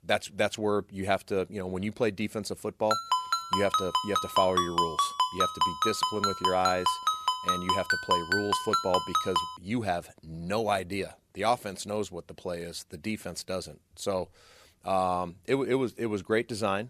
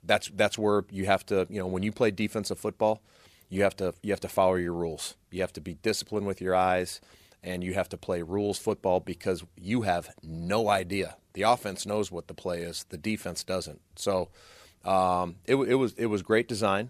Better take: second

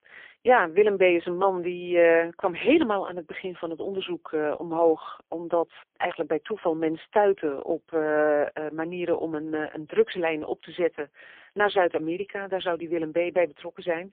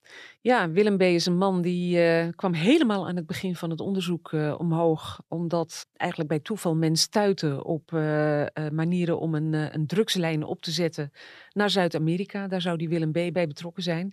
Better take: second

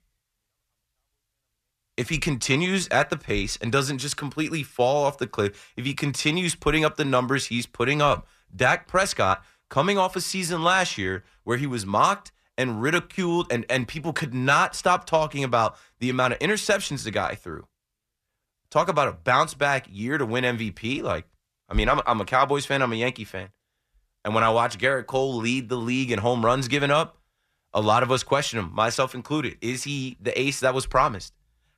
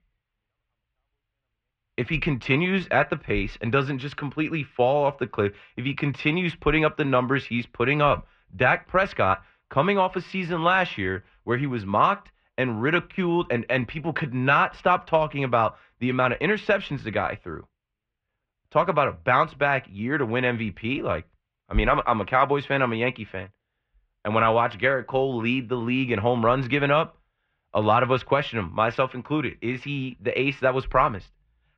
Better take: first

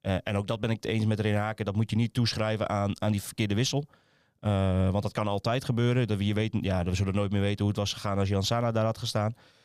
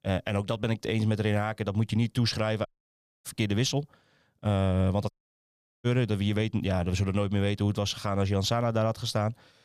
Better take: first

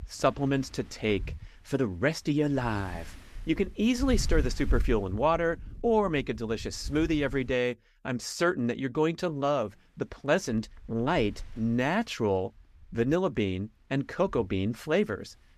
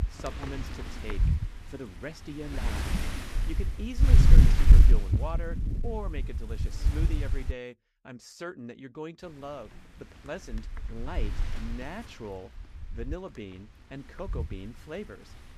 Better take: first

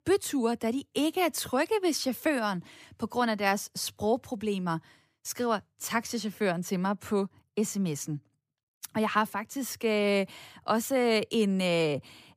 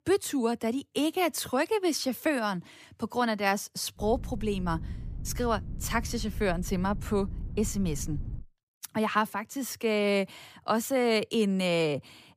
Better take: first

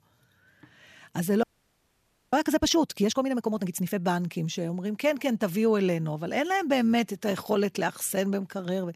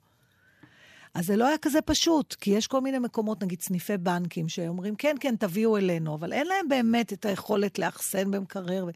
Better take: second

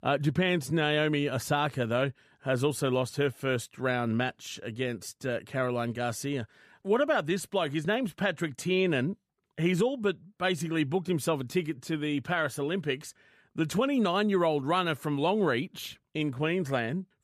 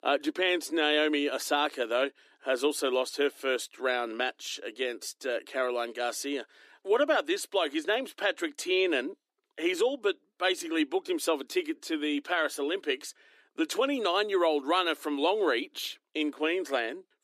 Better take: first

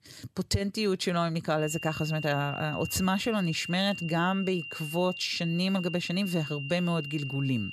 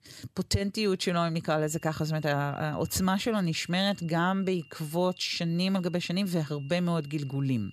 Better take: second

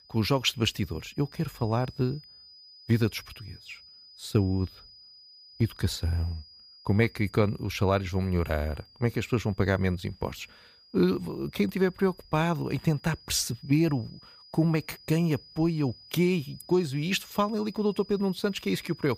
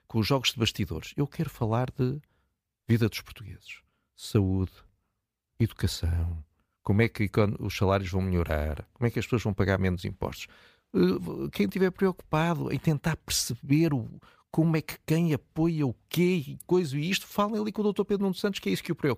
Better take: second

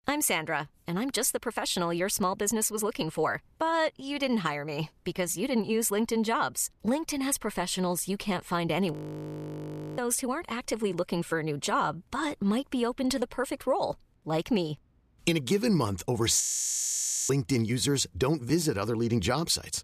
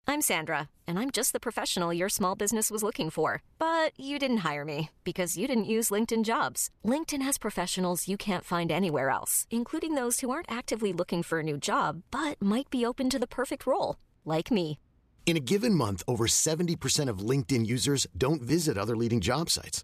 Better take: second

